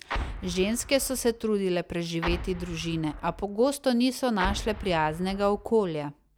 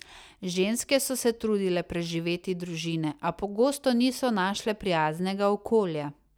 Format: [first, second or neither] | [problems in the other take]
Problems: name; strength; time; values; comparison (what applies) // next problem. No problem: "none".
second | background sound (Explosion); 10 dB below the speech